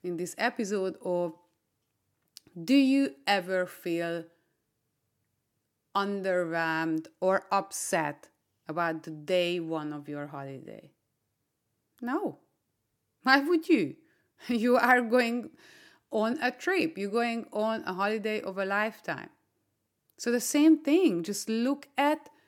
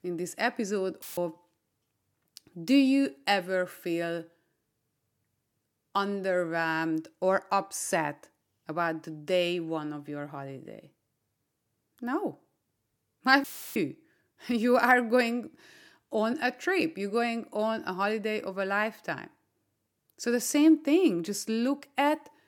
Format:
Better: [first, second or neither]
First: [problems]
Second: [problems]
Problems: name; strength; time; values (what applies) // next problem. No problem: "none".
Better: first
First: none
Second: audio cutting out; filled with static; at 1 s and at 13 s